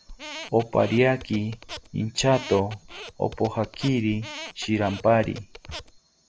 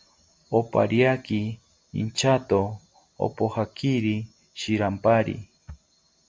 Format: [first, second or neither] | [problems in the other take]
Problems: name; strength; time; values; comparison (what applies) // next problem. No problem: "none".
second | background sound (Squeak); 15 dB below the speech